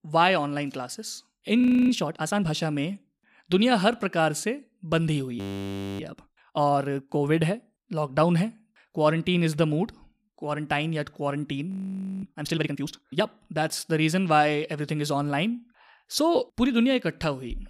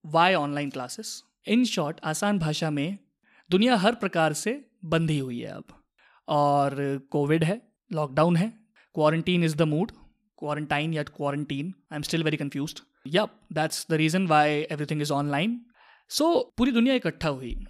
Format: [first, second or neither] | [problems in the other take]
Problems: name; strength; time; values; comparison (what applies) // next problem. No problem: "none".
second | audio freezing; at 1.5 s, at 5.5 s for 0.5 s and at 12 s for 0.5 s